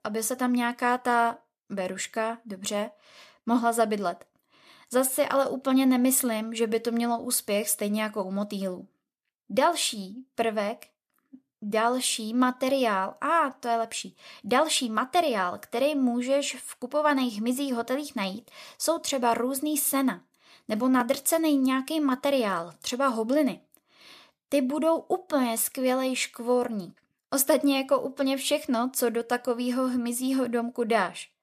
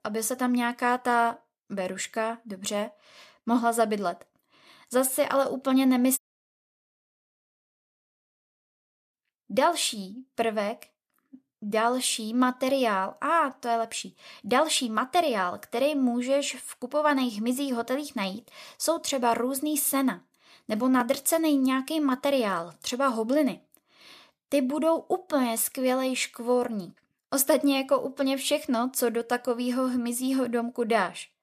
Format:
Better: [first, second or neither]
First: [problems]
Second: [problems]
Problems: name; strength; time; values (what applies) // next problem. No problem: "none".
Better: first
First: none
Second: audio cutting out; at 6 s for 3 s